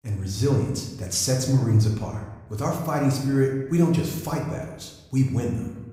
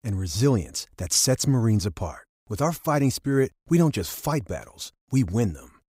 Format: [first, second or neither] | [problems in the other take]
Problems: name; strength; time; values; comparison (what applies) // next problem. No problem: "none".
second | room echo; noticeable; dies away in 0.9 s // off-mic speech; somewhat distant